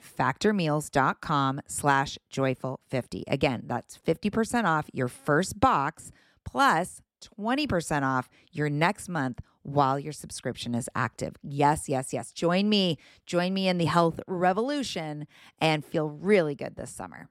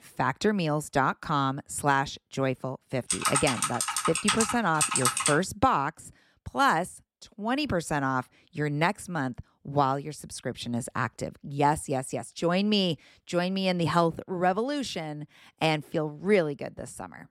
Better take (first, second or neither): first